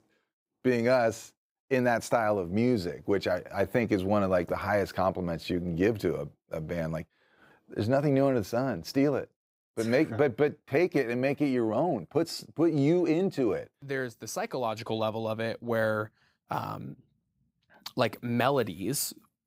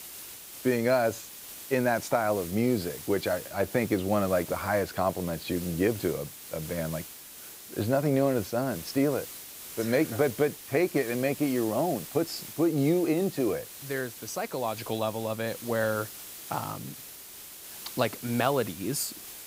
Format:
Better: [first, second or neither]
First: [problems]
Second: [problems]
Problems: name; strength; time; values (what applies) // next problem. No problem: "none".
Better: first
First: none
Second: hiss; noticeable; throughout; 10 dB below the speech